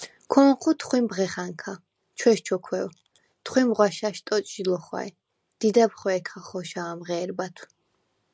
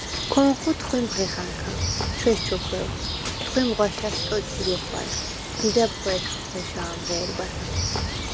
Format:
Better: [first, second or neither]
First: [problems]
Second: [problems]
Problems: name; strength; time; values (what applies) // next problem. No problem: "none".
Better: first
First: none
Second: background sound (Bird); 2 dB below the speech